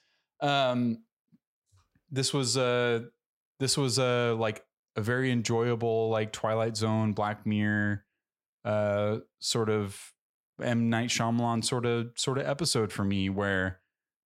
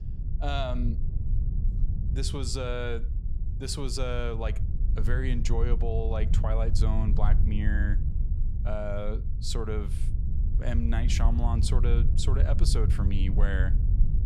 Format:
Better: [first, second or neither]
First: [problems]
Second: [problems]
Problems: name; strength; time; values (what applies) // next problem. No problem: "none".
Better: first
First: none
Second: low rumble; loud; throughout; 10 dB below the speech